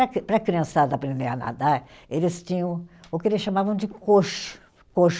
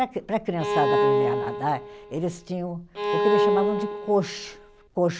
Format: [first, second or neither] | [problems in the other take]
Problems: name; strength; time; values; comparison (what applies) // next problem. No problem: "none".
first | background sound (Bowed string instrument); 2 dB above the speech